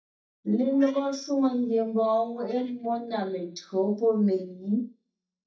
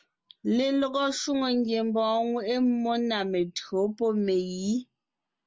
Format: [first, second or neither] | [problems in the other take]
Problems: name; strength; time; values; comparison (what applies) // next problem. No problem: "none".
second | noise reduction (neural mask model DeepFilterNet 3)